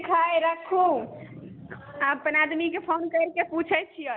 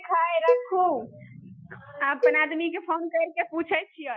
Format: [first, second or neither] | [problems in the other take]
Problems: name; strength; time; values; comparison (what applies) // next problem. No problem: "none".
first | noise reduction (classical method Wiener filter)